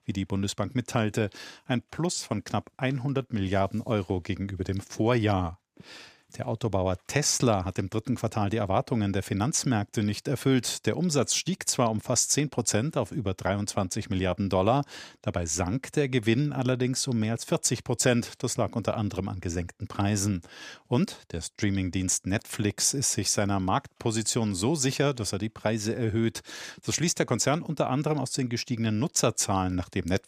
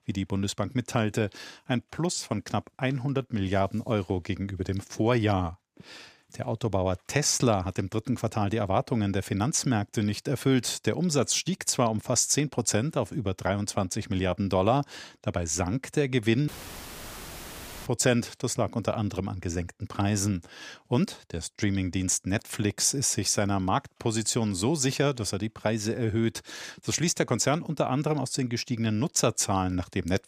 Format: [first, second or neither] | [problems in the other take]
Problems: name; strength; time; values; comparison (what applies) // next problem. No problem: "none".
first | audio cutting out; filled with static; at 16 s for 1.5 s